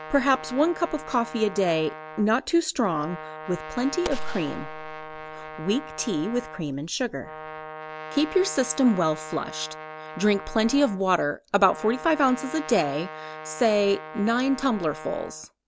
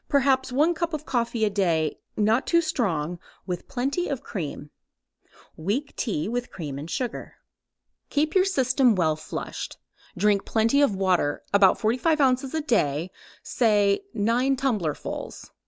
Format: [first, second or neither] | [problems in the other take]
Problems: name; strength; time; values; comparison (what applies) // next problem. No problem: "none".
second | background sound (Brass instrument + Gunshot, gunfire); 12 dB below the speech